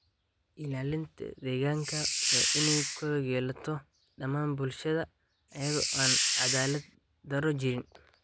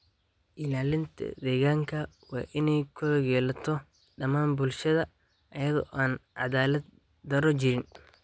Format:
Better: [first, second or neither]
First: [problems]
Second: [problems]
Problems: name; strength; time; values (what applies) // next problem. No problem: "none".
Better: second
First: background sound (Hiss); 4 dB above the speech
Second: none